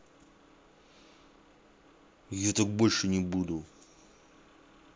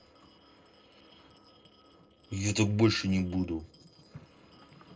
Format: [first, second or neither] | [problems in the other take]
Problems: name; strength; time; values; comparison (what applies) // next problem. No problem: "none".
first | noise reduction (neural separator model SepFormer DNS4)